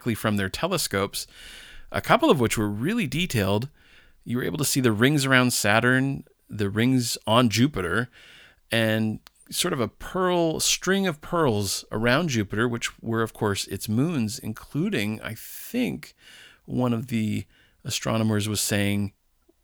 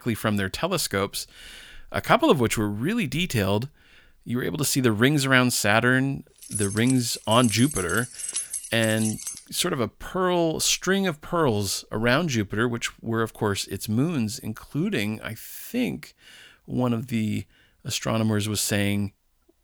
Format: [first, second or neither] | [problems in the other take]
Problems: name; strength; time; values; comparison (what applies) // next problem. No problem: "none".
first | jangling keys; noticeable; from 6.5 to 9.5 s; peak 4 dB below the speech